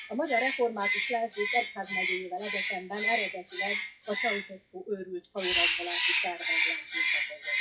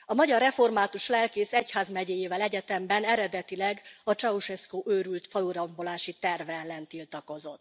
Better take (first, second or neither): second